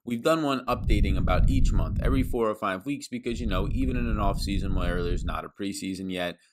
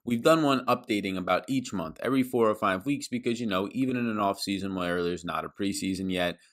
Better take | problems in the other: second | low rumble; noticeable; from 1 to 2.5 s and from 3.5 to 5.5 s; 15 dB below the speech

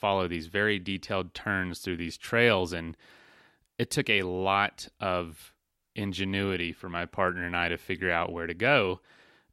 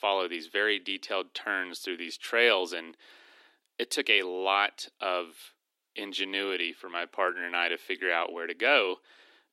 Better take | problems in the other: first | thin; somewhat; fading below 300 Hz

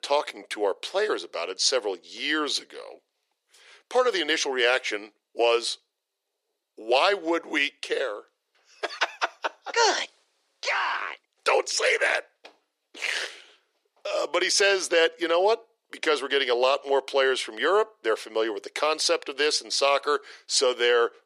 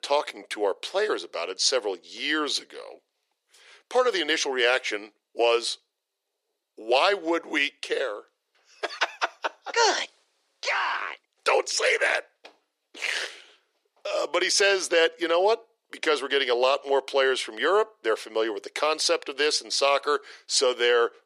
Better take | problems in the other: neither | thin; very; fading below 400 Hz; the same in both

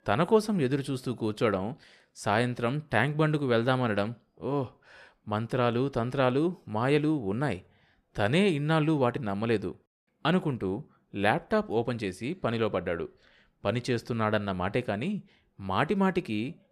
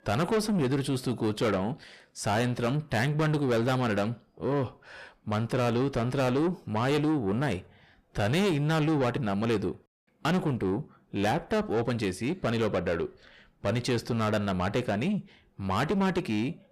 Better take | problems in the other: first | distortion; heavy; 8 dB below the speech

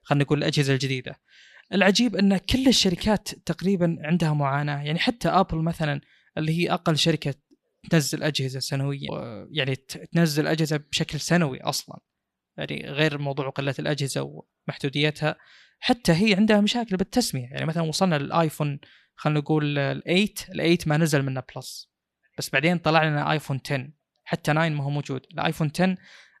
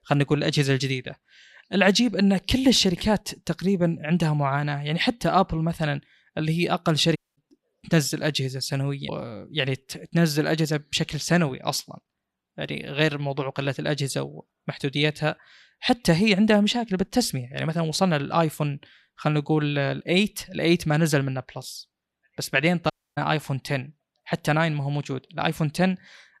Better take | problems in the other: first | audio cutting out; at 7 s and at 23 s

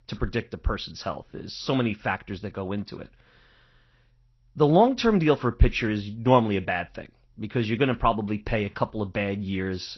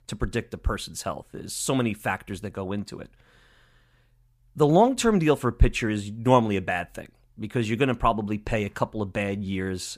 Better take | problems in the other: second | garbled, watery; slightly; nothing above 6 kHz

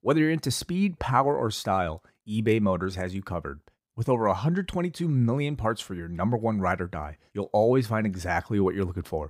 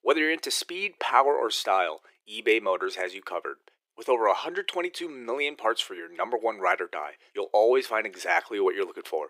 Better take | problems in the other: first | thin; very; fading below 350 Hz

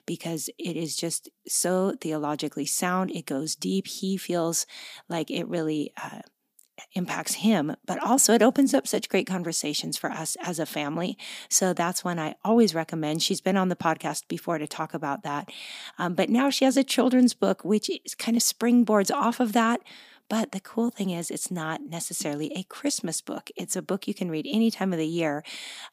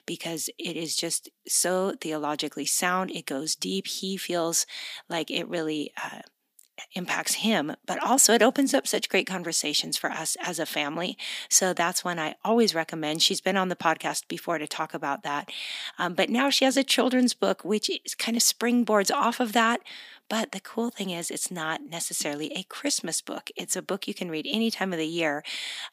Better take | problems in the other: first | thin; very slightly; fading below 350 Hz

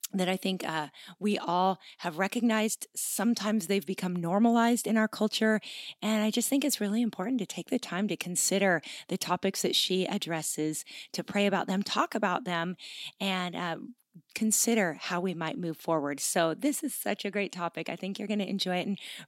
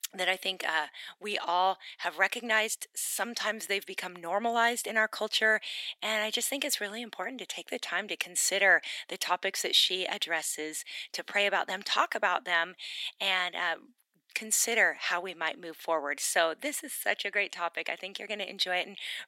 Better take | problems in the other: first | thin; very; fading below 600 Hz

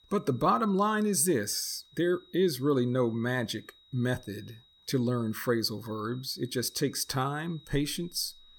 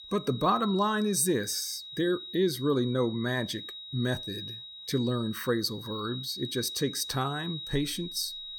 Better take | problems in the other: first | high-pitched whine; loud; throughout; 4 kHz, 9 dB below the speech; faint in the first

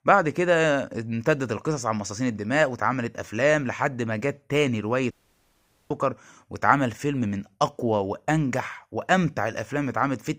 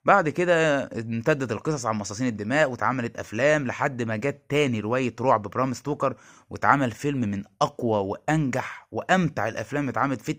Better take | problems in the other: second | audio cutting out; at 5 s for 1 s

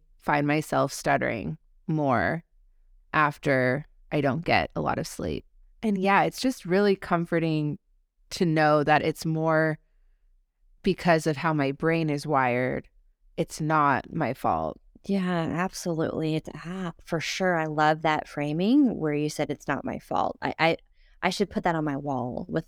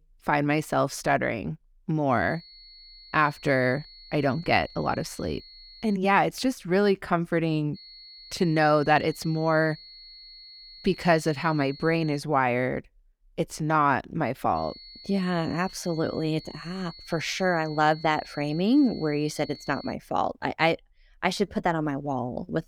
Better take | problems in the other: first | high-pitched whine; noticeable; from 2.5 to 6 s, from 8 to 12 s and from 15 to 20 s; 4.5 kHz, 20 dB below the speech

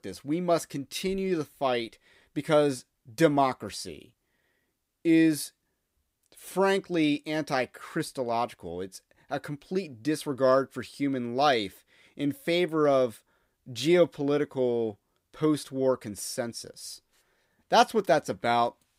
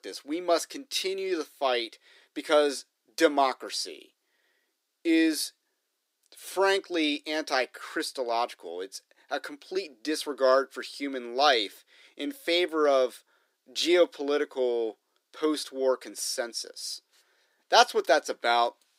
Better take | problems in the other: first | thin; somewhat; fading below 300 Hz

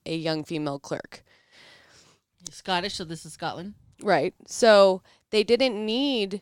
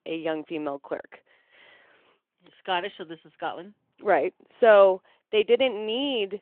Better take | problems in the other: first | phone-call audio

